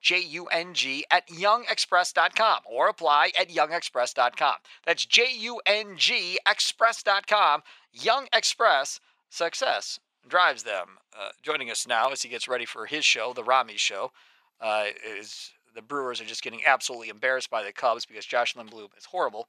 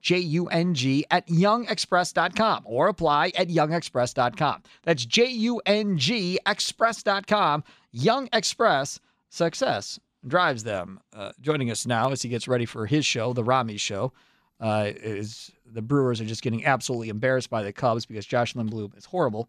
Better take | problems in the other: second | thin; very; fading below 750 Hz

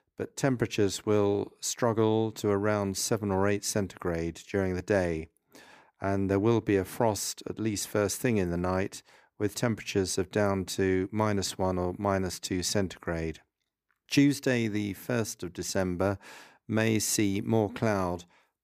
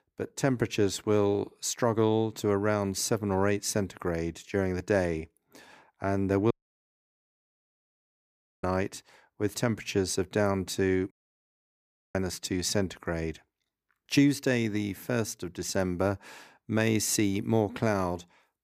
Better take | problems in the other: first | audio cutting out; at 6.5 s for 2 s and at 11 s for 1 s

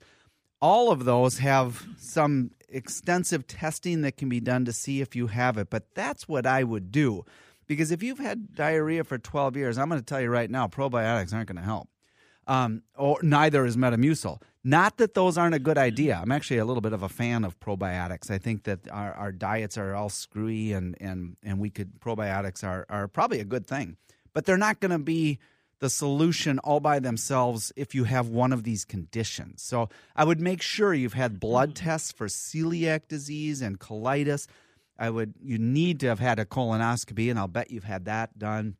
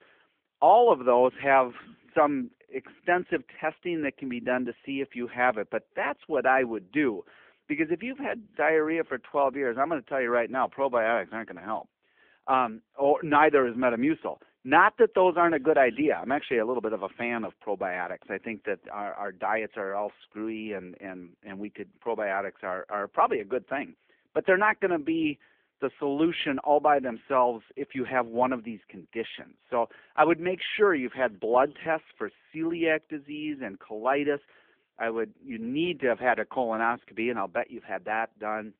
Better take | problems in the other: first | phone-call audio; nothing above 3.5 kHz

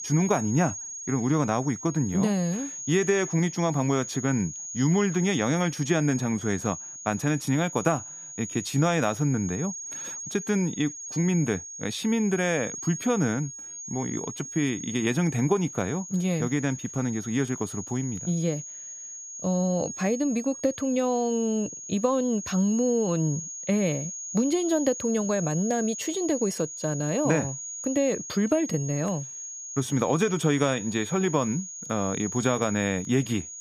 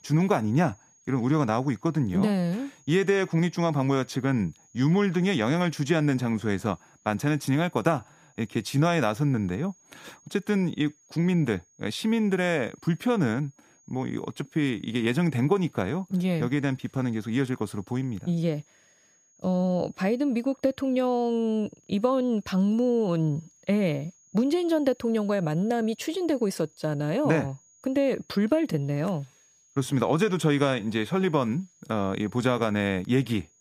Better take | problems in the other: second | high-pitched whine; loud; throughout; 6.5 kHz, 9 dB below the speech; faint in the second

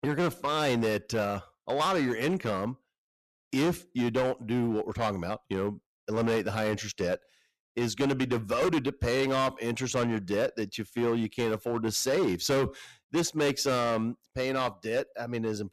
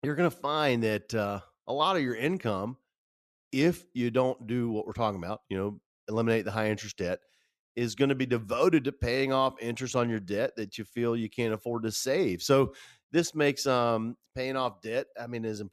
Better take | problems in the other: second | distortion; heavy; 11% of the sound clipped

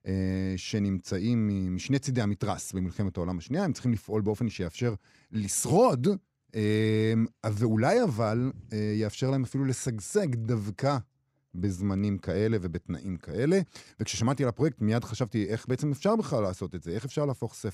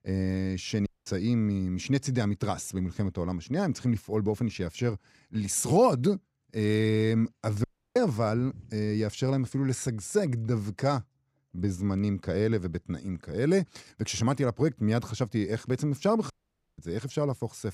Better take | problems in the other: first | audio cutting out; at 1 s, at 7.5 s and at 16 s

